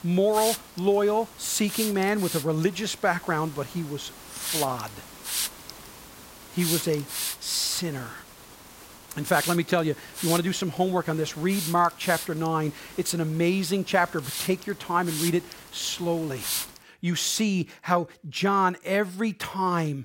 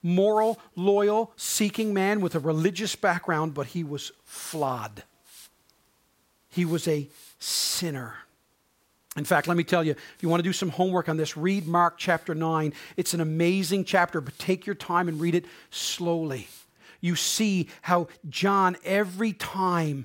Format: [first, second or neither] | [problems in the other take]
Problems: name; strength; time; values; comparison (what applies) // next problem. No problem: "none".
second | hiss; loud; until 17 s; 6 dB below the speech; faint in the second